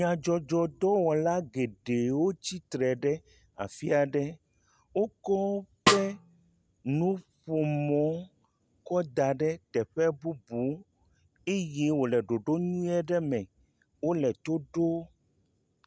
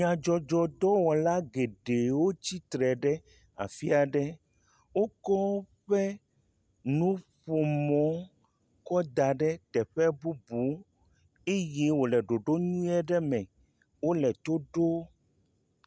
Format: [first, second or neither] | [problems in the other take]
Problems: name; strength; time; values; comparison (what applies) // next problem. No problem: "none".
second | background sound (Snare drum); as loud as the speech